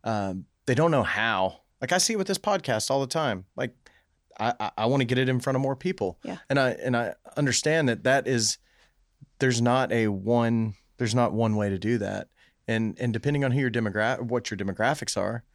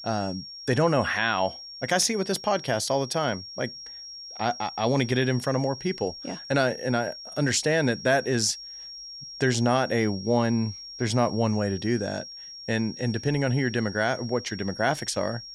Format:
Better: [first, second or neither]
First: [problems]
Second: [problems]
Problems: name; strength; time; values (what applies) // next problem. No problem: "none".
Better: first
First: none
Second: high-pitched whine; noticeable; throughout; 5.5 kHz, 10 dB below the speech